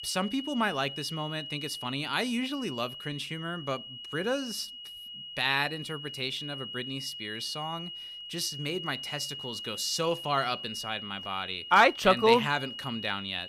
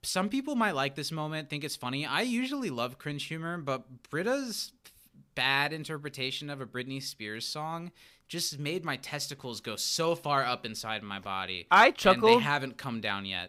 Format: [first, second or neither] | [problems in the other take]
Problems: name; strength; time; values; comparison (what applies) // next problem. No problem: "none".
second | high-pitched whine; loud; throughout; 3 kHz, 9 dB below the speech